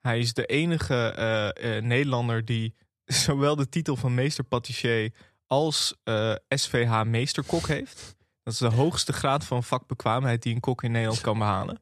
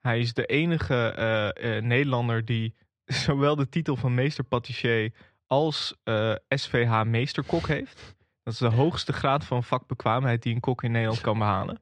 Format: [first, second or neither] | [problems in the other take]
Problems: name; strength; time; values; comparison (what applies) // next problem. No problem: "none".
first | muffled; very slightly; fading above 3 kHz